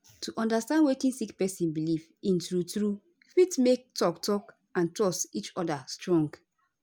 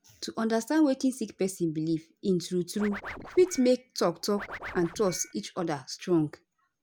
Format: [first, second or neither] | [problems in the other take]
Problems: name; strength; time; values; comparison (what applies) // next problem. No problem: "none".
first | background sound (Scratching (performance technique)); 15 dB below the speech